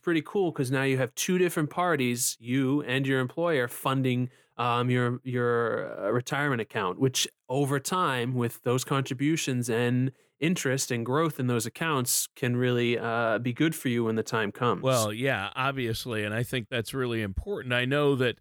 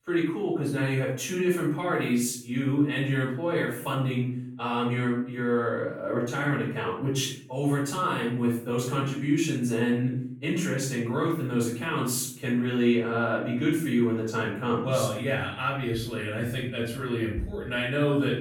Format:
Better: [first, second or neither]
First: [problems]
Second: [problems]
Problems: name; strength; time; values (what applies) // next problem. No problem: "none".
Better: first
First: none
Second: off-mic speech; far // room echo; noticeable; dies away in 0.5 s